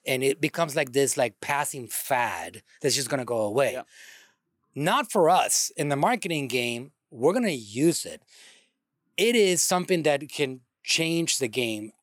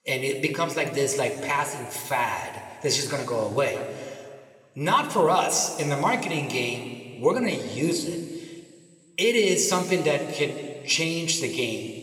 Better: first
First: none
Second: room echo; slight; dies away in 2.1 s

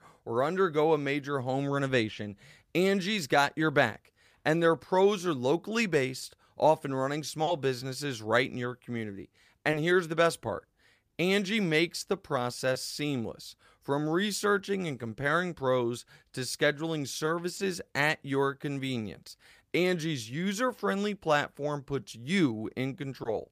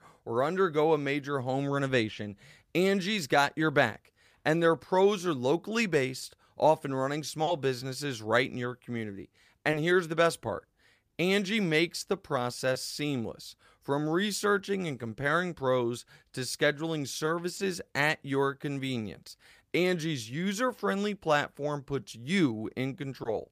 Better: neither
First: none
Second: none

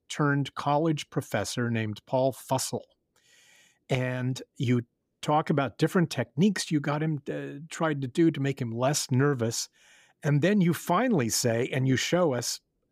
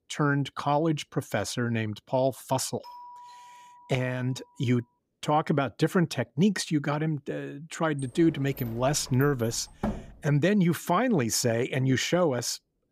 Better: first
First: none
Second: doorbell; faint; from 3 to 4.5 s; peak 20 dB below the speech // door banging; noticeable; from 8 to 10 s; peak 7 dB below the speech

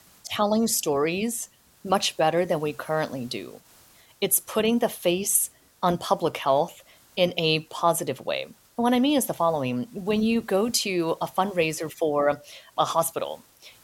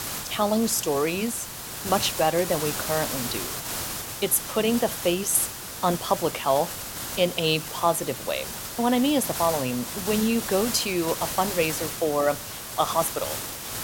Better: first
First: hiss; faint; throughout; 30 dB below the speech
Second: hiss; loud; throughout; 6 dB below the speech

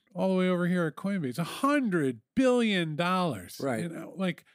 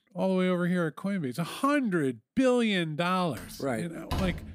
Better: first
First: none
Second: door banging; noticeable; from 3.5 s on; peak 6 dB below the speech

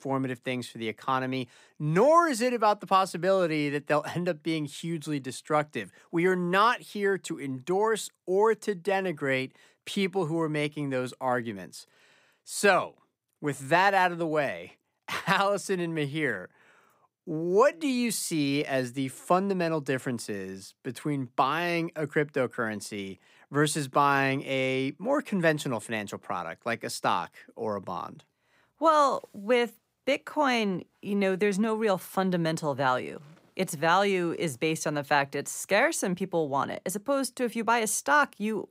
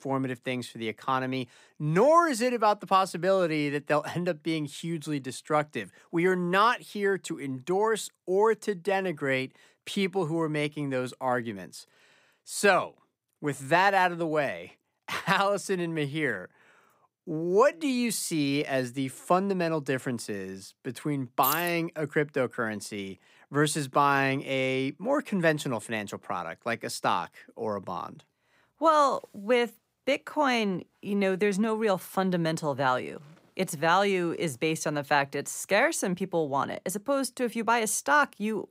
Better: first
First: none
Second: jangling keys; noticeable; at 21 s; peak 2 dB below the speech

